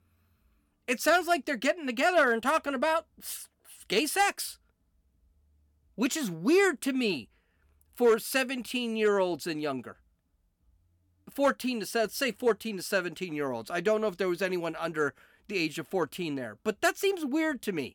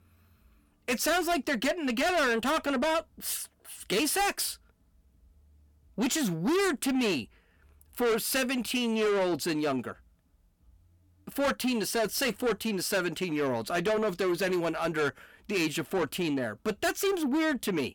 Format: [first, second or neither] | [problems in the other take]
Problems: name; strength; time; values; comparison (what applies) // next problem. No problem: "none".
first | distortion; heavy; 6 dB below the speech